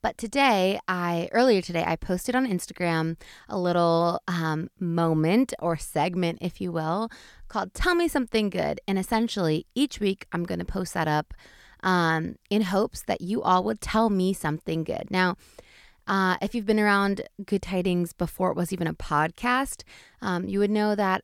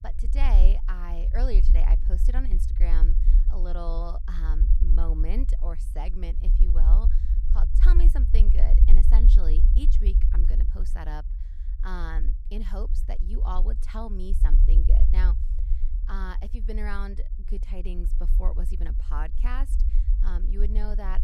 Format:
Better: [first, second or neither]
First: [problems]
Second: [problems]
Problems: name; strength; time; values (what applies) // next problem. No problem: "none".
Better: first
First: none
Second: low rumble; loud; throughout; 7 dB below the speech